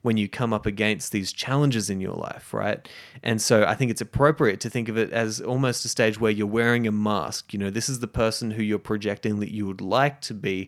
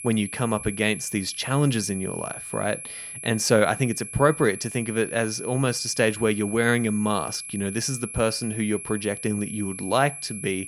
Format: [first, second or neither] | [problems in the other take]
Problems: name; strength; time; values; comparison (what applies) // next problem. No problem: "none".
first | high-pitched whine; loud; throughout; 11 kHz, 9 dB below the speech